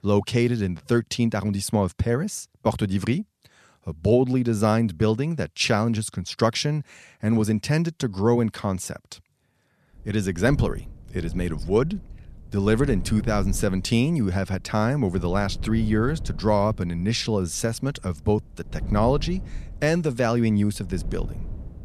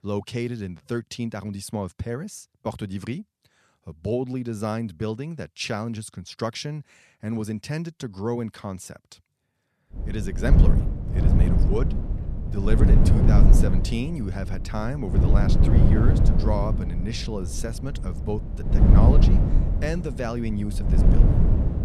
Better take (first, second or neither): first